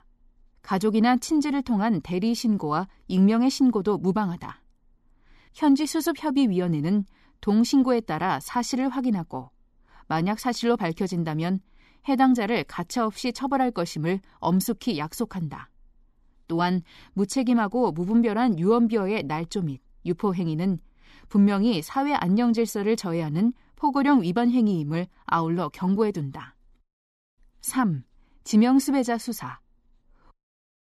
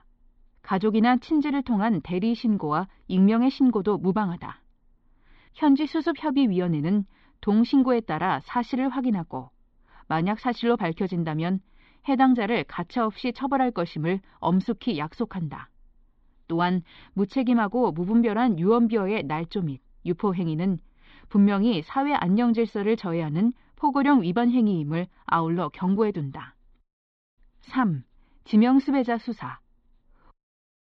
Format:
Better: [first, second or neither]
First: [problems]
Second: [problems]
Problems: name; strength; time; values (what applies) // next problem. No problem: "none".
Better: first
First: none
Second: muffled; slightly; fading above 4 kHz